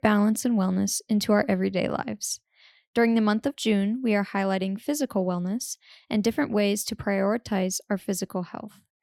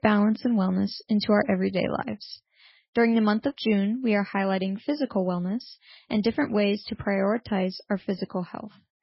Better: first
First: none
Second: garbled, watery; badly; nothing above 5.5 kHz

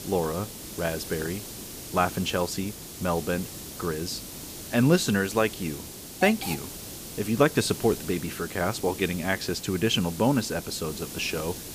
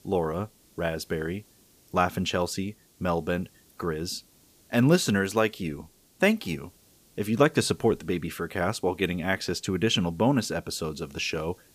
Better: second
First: hiss; loud; throughout; 10 dB below the speech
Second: hiss; faint; throughout; 30 dB below the speech

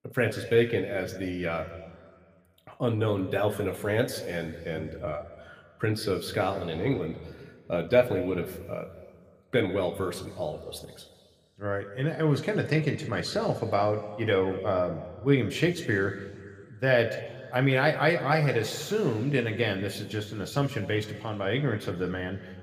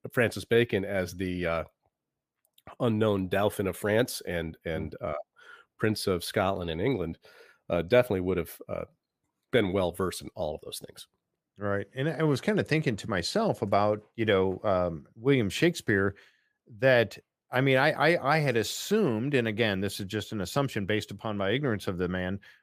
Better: second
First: room echo; slight; dies away in 1.7 s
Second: none

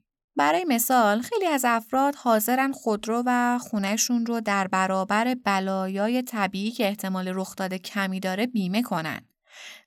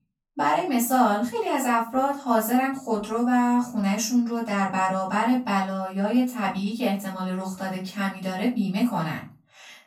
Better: first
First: none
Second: off-mic speech; far // room echo; slight; dies away in 0.3 s

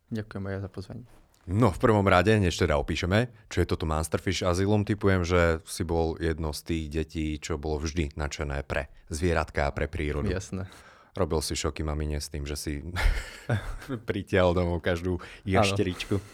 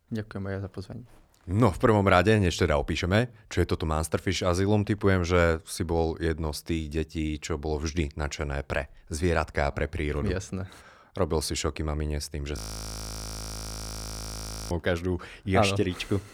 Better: first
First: none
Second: audio freezing; at 13 s for 2 s

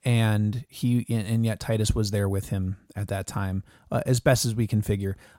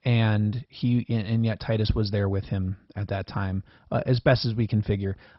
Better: first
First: none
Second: garbled, watery; badly; nothing above 5.5 kHz

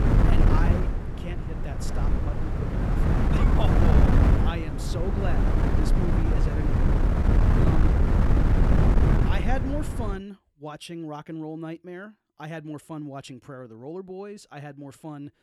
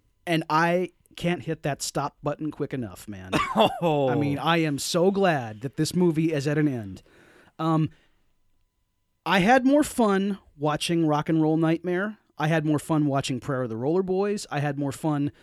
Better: second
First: wind noise on the microphone; heavy; until 10 s; 5 dB above the speech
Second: none

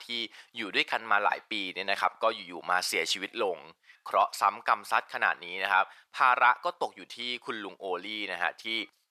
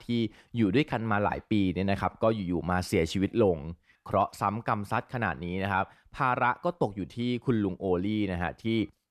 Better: second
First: thin; very; fading below 950 Hz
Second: none

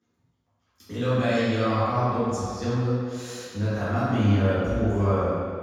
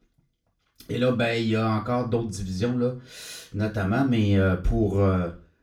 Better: second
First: room echo; strong; dies away in 1.9 s // off-mic speech; far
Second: room echo; slight; dies away in 0.3 s // off-mic speech; far

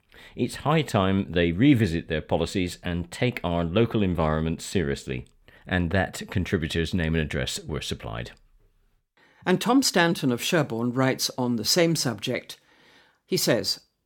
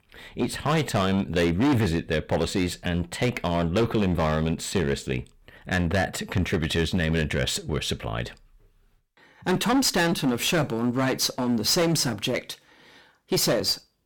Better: first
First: none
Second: distortion; heavy; 11% of the sound clipped

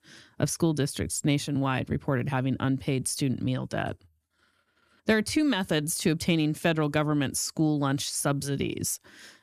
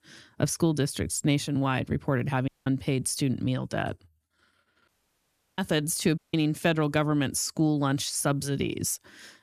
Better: first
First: none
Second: audio cutting out; at 2.5 s, at 5 s for 0.5 s and at 6 s

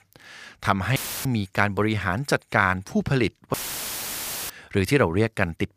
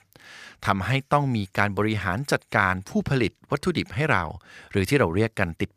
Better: second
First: audio cutting out; filled with static; at 1 s and at 3.5 s for 1 s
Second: none

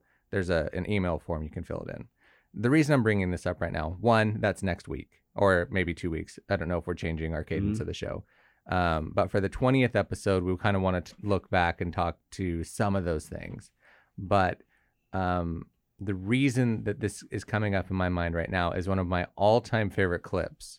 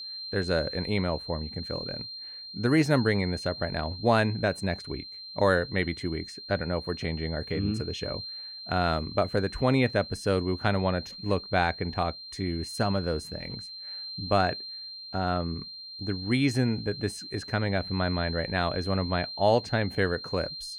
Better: first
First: none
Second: high-pitched whine; loud; throughout; 4 kHz, 10 dB below the speech

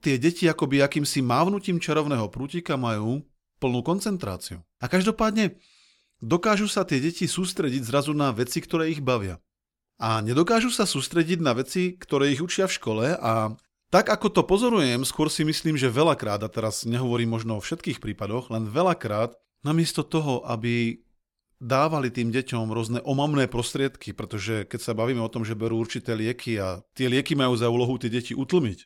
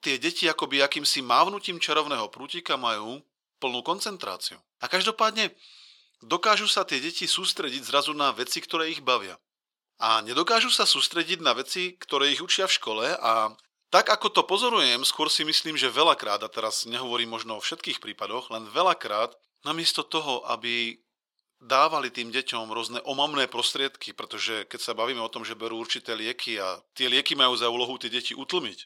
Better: first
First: none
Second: thin; very; fading below 450 Hz

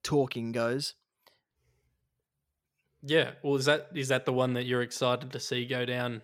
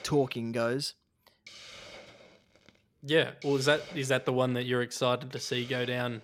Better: first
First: none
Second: hiss; noticeable; throughout; 20 dB below the speech

